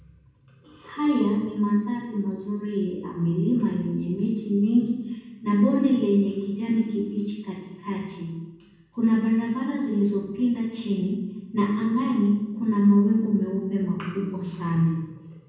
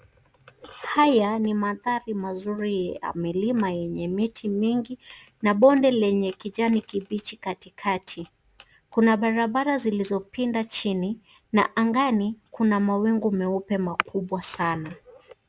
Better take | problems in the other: second | room echo; dies away in 1.1 s

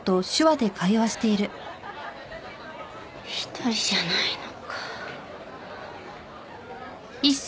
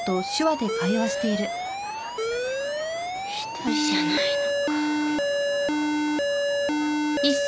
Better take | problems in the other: first | background sound (Alarm); 4 dB above the speech

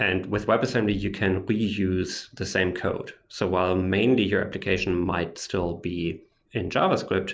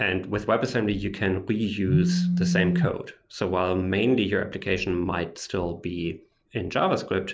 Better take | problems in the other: first | background sound (Telephone); 3 dB above the speech

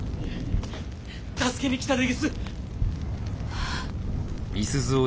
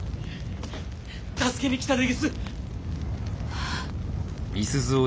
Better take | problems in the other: second | background sound (Bass drum + Thunder); 7 dB below the speech

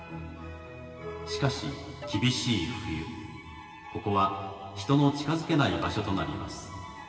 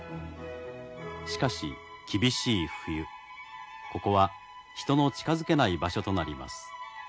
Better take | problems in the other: second | background sound (Alarm); 16 dB below the speech // room echo; dies away in 2.6 s

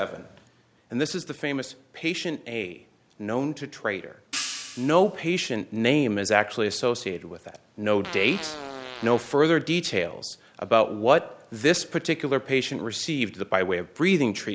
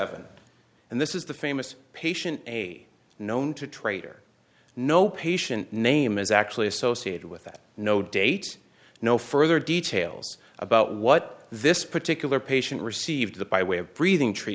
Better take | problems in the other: second | background sound (Hi-hat + Fart); 12 dB below the speech

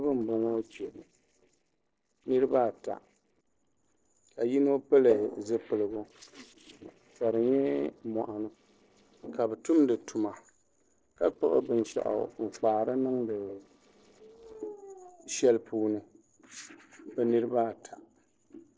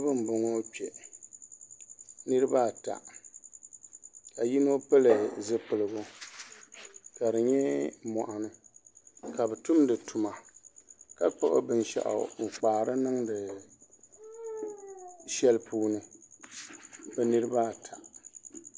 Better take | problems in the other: second | noise reduction (neural separator model SepFormer DNS4)

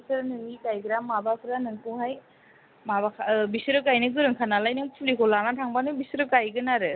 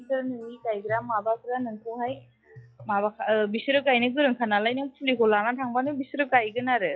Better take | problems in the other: first | noise reduction (classical method log-MMSE)

